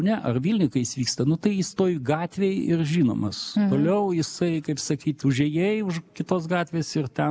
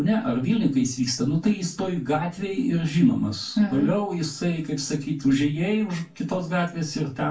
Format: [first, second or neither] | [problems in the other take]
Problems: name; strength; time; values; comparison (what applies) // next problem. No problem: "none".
first | room echo; dies away in 0.2 s